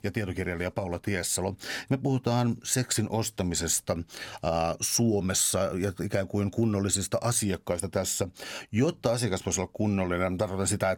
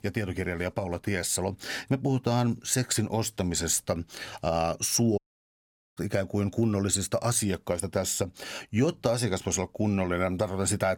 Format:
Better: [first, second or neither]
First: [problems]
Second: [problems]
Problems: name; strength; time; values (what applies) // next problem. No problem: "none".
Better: first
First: none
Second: audio cutting out; at 5 s for 1 s